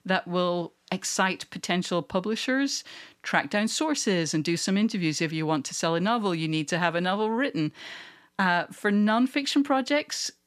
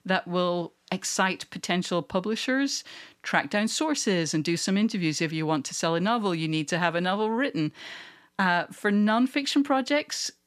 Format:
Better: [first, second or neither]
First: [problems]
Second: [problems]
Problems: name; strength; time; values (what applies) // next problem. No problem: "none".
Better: neither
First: none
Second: none